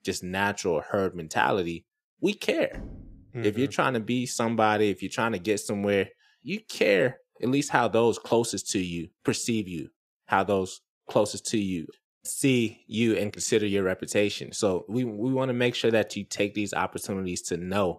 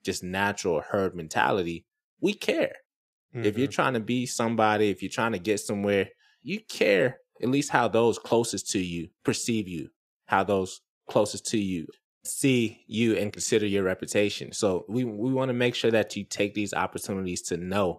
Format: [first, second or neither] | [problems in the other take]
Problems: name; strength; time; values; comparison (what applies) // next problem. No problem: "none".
second | door banging; faint; at 2.5 s; peak 15 dB below the speech